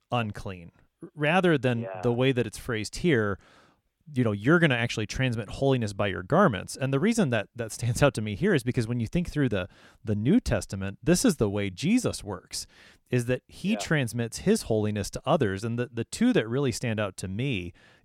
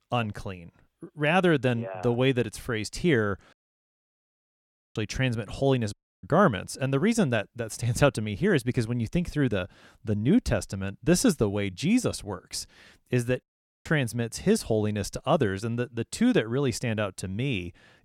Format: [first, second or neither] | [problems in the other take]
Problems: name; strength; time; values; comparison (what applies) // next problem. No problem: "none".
first | audio cutting out; at 3.5 s for 1.5 s, at 6 s and at 13 s